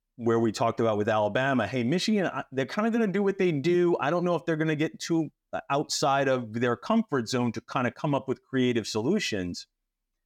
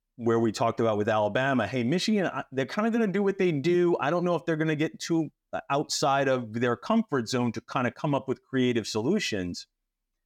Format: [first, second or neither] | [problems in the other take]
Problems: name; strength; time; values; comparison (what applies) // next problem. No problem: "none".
neither | none